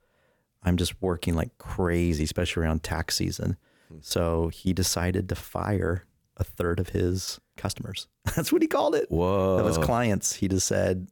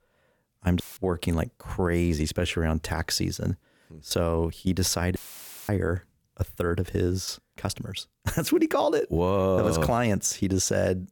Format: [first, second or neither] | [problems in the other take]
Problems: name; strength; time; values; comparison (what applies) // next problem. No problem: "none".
first | audio cutting out; filled with static; at 1 s and at 5 s for 0.5 s